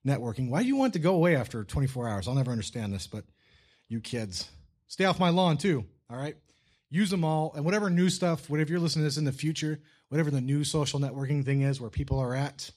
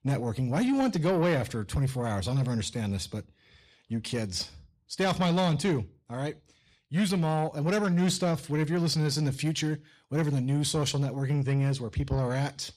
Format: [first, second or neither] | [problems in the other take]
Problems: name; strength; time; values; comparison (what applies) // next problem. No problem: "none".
first | distortion; slight; 10 dB below the speech